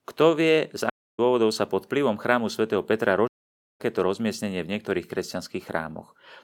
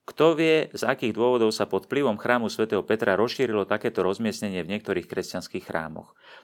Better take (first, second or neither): second